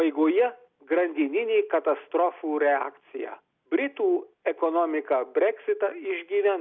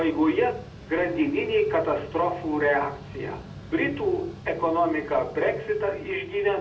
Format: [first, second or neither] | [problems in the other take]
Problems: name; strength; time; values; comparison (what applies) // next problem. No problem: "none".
first | background sound (Mechanical fan); 16 dB below the speech // room echo; dies away in 0.3 s